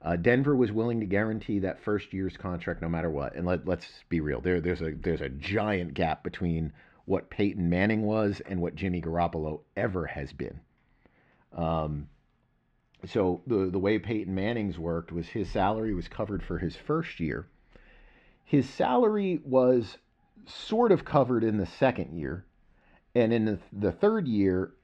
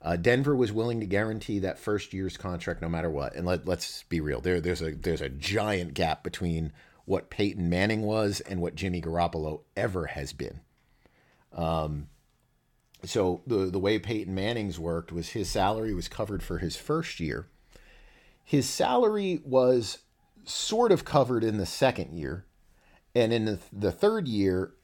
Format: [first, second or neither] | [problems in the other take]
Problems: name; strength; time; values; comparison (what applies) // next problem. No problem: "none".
second | muffled; slightly; fading above 2.5 kHz